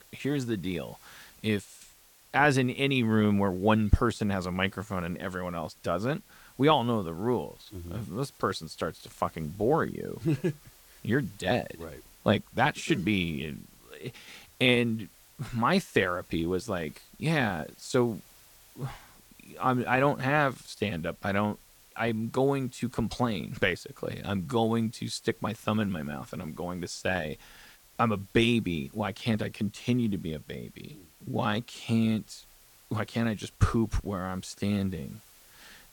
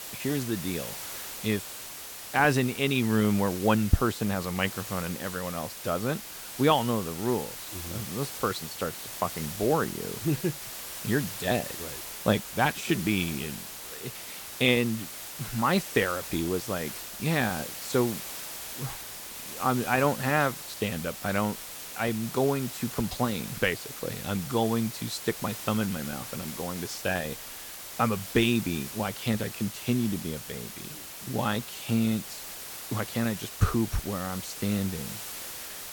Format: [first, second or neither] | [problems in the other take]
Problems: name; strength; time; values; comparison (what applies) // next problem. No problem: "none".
first | hiss; loud; throughout; 8 dB below the speech; faint in the first